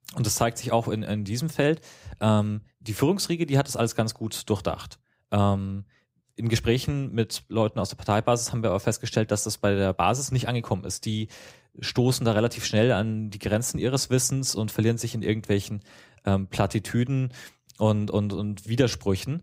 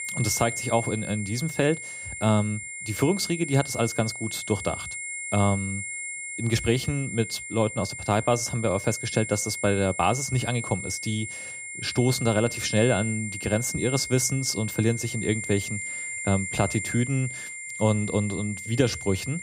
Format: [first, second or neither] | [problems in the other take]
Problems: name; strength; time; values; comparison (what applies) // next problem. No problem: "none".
first | high-pitched whine; loud; throughout; 2 kHz, 7 dB below the speech